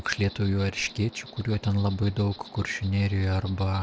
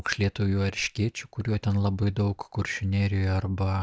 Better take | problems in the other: second | background sound (Insect); 20 dB below the speech

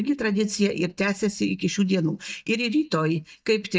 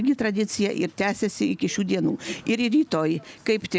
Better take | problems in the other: second | noise reduction (neural mask model DeepFilterNet 3)

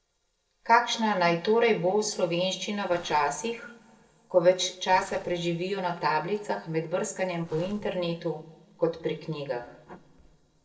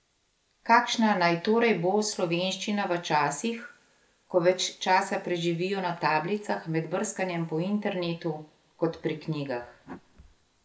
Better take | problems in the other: second | noise reduction (neural separator model SepFormer DNS4)

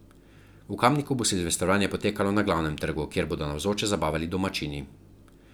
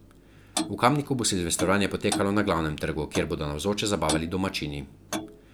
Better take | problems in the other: first | background sound (Clock); 9 dB below the speech

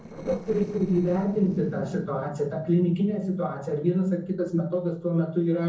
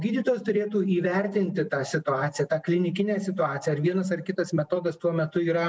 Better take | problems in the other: second | noise reduction (neural separator model SepFormer DNS4)

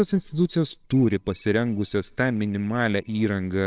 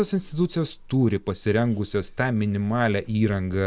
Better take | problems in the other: second | noise reduction (neural separator model SepFormer WHAMR!)

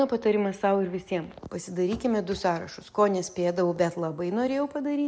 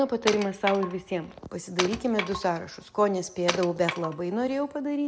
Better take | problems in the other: first | background sound (Wood); 8 dB below the speech

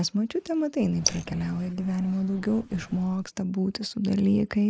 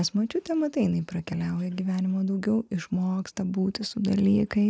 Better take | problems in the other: second | noise reduction (neural mask model Resemble Enhance denoiser)

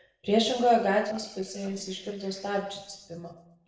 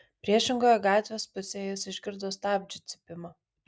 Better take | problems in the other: second | noise reduction (neural separator model SepFormer DNS4)

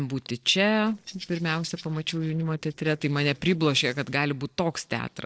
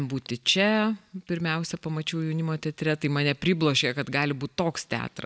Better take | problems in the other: second | noise reduction (neural separator model SepFormer DNS4)

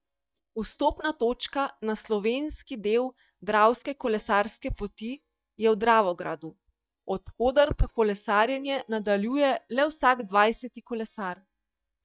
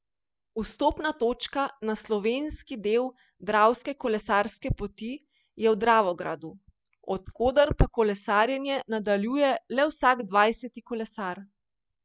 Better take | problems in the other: second | noise reduction (neural mask model DeepFilterNet 3)

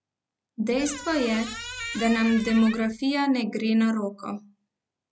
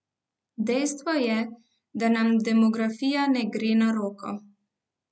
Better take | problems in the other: second | background sound (Squeak); 11 dB below the speech

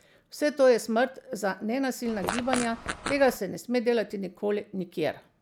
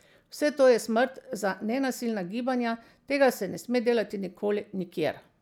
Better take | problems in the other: second | background sound (Fart); 7 dB below the speech

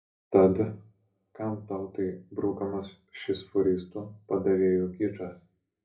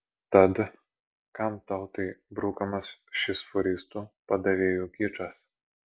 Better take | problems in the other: second | room echo; dies away in 0.4 s

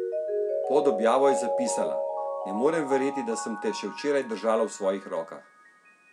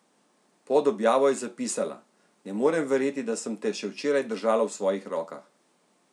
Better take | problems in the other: second | background sound (Mallet percussion); 3 dB below the speech

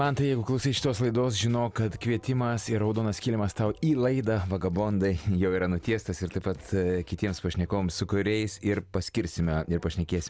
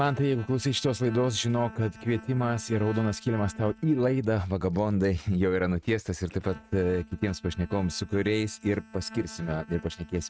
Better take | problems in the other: first | noise reduction (neural mask model RNNoise)

